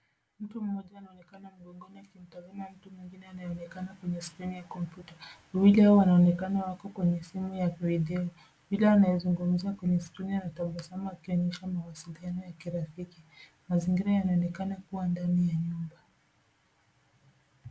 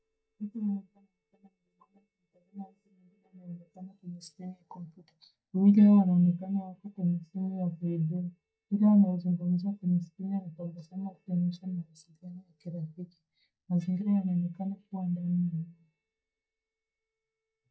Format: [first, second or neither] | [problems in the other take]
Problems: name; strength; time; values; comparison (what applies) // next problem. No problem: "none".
first | noise reduction (neural mask model DeepFilterNet 3)